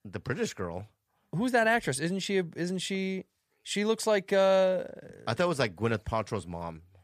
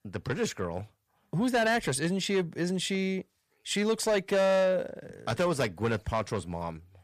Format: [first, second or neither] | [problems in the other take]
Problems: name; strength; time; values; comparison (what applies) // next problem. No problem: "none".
first | distortion; slight; 10 dB below the speech